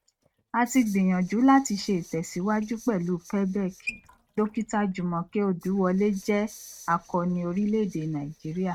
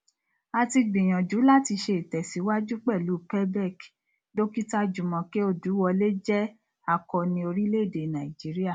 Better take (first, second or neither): second